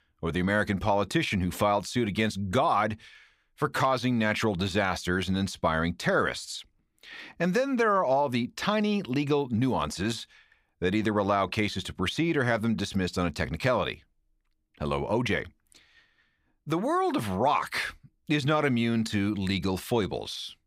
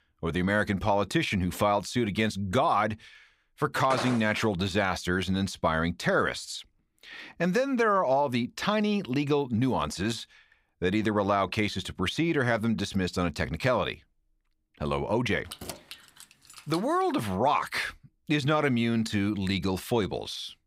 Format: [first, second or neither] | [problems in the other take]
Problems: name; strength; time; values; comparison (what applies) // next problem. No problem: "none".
first | footsteps; noticeable; at 4 s; peak 6 dB below the speech // jangling keys; faint; from 16 to 17 s; peak 10 dB below the speech